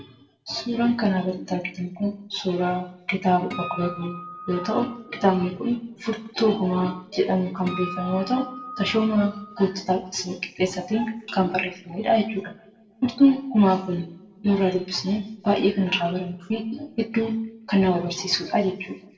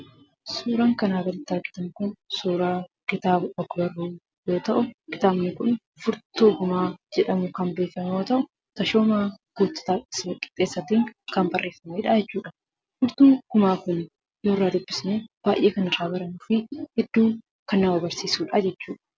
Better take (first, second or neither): second